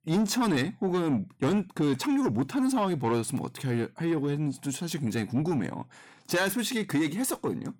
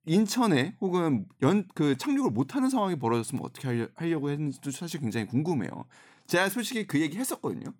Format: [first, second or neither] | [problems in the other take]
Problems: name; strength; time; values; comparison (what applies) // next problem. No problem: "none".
second | distortion; slight; 10 dB below the speech